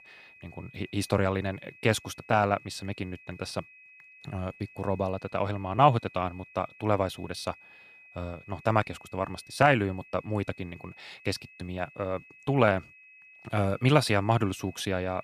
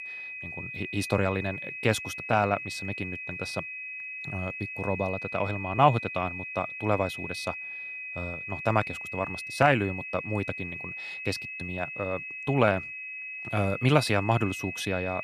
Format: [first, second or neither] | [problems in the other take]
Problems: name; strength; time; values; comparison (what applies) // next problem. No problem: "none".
first | high-pitched whine; loud; throughout; 2.5 kHz, 7 dB below the speech; faint in the first